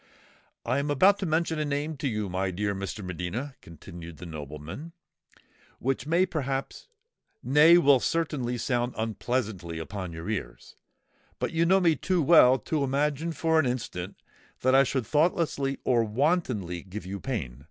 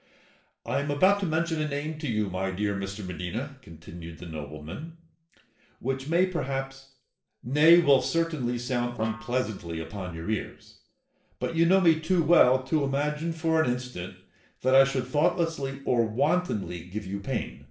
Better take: first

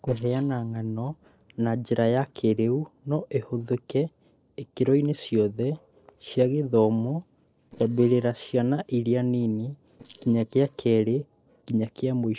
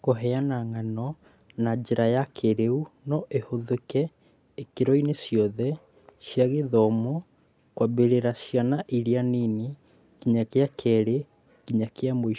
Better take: second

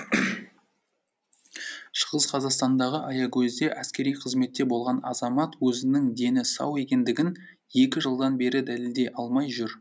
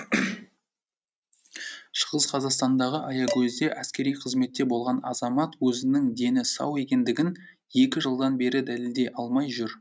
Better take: first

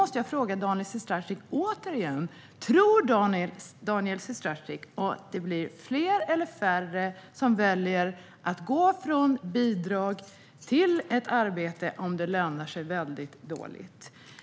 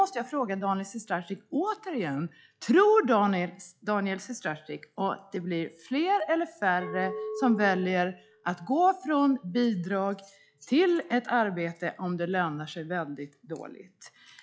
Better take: first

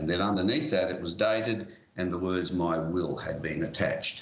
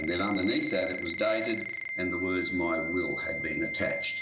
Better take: first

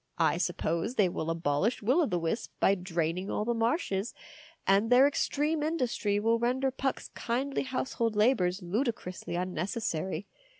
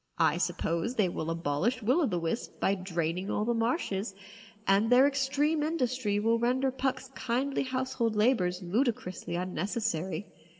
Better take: first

